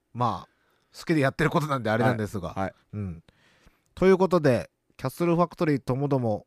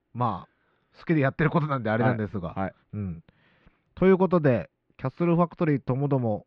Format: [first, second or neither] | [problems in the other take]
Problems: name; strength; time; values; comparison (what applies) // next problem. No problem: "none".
first | muffled; slightly; fading above 3.5 kHz